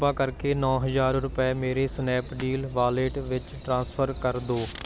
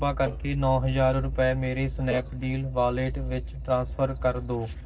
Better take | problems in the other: first | noise reduction (neural separator model SepFormer DNS4)

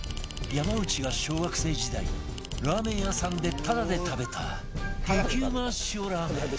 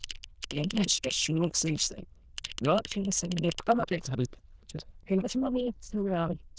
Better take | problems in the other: first | noise reduction (neural diffusion model UNIVERSE++)

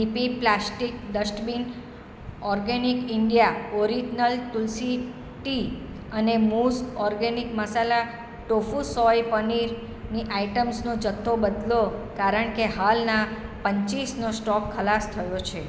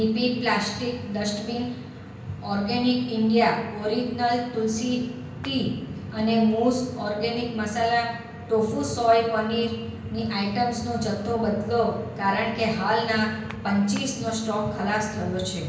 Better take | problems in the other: first | background sound (Clapping); 19 dB below the speech // room echo; dies away in 0.5 s

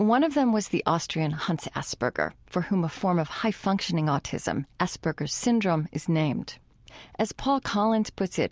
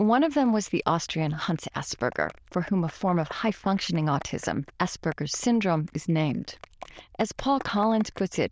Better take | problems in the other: first | noise reduction (neural diffusion model UNIVERSE++)

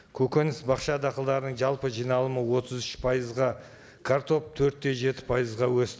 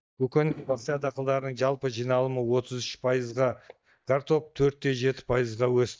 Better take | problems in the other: first | noise reduction (neural mask model DeepFilterNet 3)

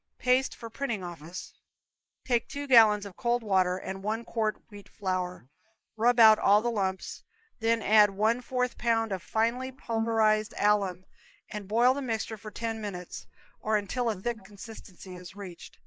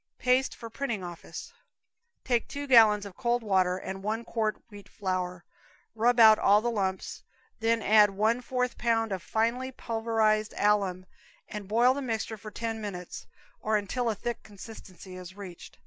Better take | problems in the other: second | noise reduction (neural mask model Resemble Enhance denoiser)

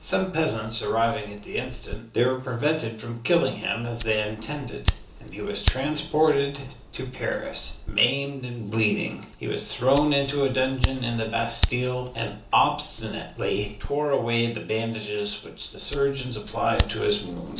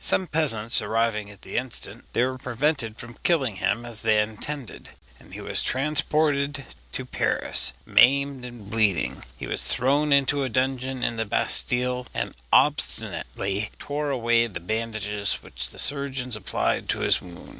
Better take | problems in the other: second | background sound (Fire); 8 dB below the speech // room echo; dies away in 0.8 s

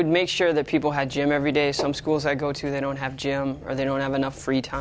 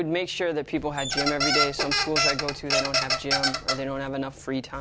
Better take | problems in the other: first | background sound (Squeak); 3 dB above the speech

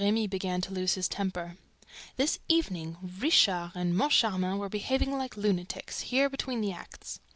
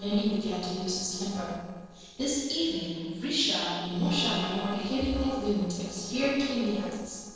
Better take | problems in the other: first | noise reduction (neural separator model SepFormer DNS4)

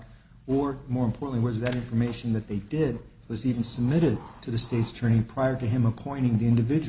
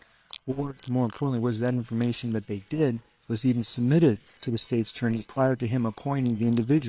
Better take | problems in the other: first | noise reduction (neural separator model SepFormer WHAM!)

